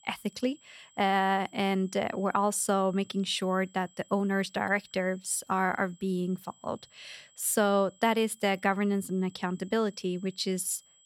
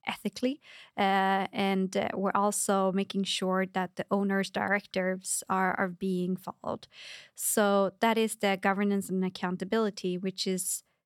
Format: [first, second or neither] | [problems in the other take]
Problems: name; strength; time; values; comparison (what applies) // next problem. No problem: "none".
second | high-pitched whine; faint; throughout; 7.5 kHz, 30 dB below the speech